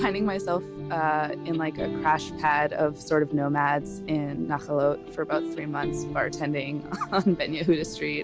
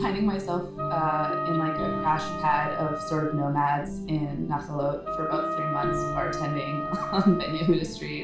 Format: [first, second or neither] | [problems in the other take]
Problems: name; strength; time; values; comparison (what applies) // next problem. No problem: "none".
first | background sound (Wind instrument, woodwind instrument); 5 dB below the speech // room echo; dies away in 0.4 s